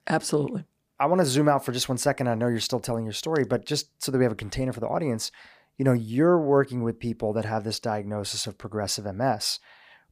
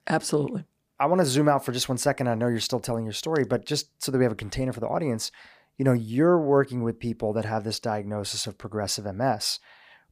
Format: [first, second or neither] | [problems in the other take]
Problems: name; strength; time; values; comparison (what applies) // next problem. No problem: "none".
neither | none